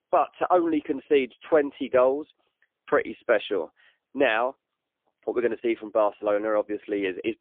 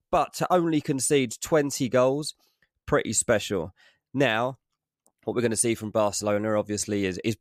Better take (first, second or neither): second